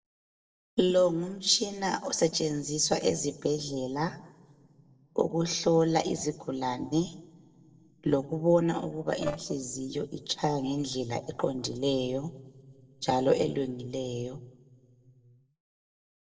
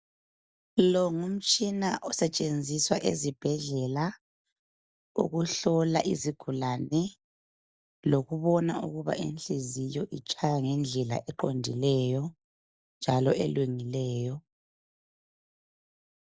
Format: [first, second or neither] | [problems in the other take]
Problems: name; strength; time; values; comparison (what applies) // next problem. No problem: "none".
second | noise reduction (neural separator model SepFormer DNS4)